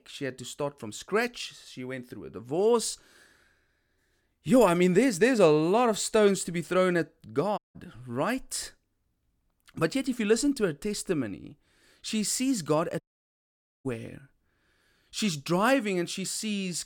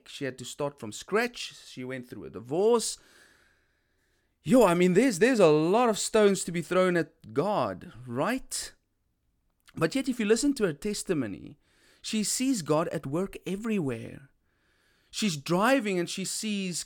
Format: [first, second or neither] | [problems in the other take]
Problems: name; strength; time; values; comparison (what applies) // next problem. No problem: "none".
second | audio cutting out; at 7.5 s and at 13 s for 1 s